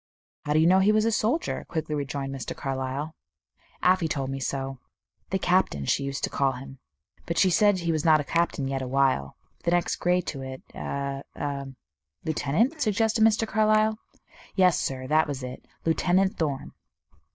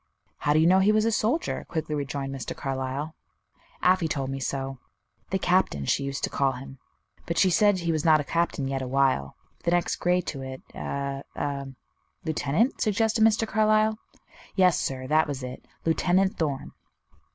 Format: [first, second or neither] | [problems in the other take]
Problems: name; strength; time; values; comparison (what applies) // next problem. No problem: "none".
second | noise reduction (neural mask model DeepFilterNet 3)